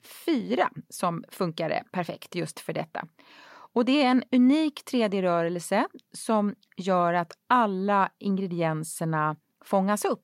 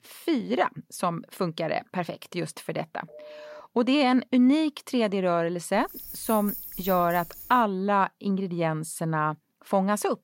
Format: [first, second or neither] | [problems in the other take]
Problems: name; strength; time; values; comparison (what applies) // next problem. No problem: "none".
first | phone ringing; faint; at 3 s; peak 20 dB below the speech // jangling keys; noticeable; from 6 to 7.5 s; peak 7 dB below the speech